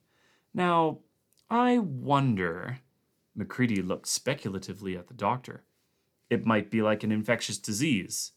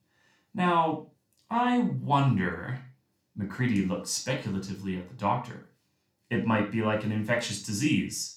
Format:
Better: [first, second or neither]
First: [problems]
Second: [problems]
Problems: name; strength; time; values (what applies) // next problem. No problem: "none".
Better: first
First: none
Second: room echo; slight; dies away in 0.3 s // off-mic speech; somewhat distant